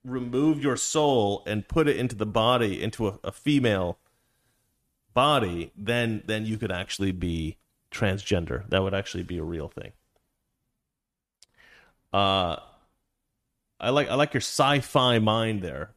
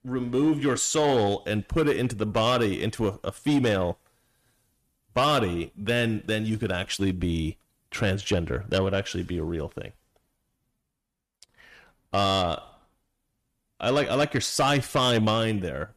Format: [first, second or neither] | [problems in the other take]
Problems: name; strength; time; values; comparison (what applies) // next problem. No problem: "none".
first | distortion; slight; 10 dB below the speech